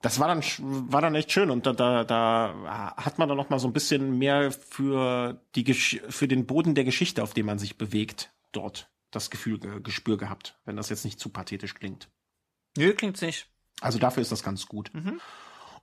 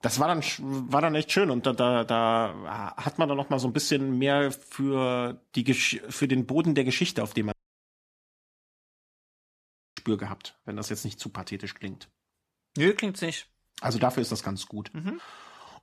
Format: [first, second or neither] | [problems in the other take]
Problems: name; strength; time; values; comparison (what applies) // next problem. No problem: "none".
first | audio cutting out; at 7.5 s for 2.5 s